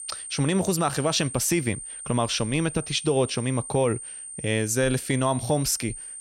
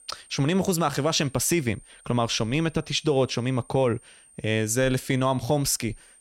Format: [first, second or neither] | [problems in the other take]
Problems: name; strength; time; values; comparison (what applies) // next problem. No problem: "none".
second | high-pitched whine; loud; throughout; 8.5 kHz, 10 dB below the speech; faint in the second